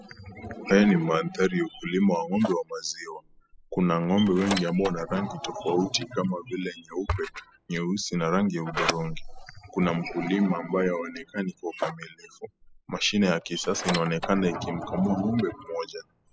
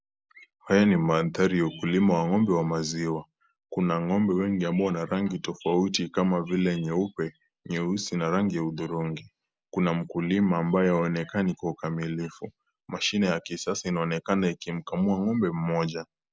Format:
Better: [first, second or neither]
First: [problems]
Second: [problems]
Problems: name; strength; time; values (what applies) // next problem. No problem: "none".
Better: second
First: noise reduction (classical method spectral subtraction)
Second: none